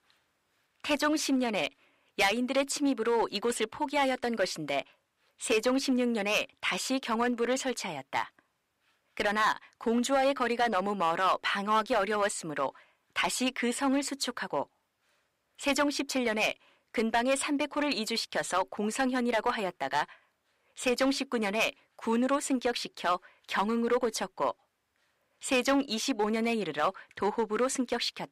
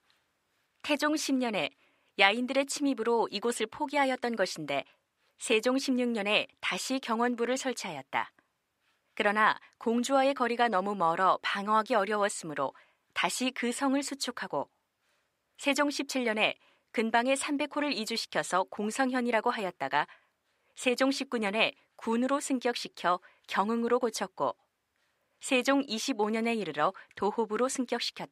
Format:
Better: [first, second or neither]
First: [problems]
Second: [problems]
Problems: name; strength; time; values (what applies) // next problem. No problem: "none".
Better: second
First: distortion; slight; 3% of the sound clipped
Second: none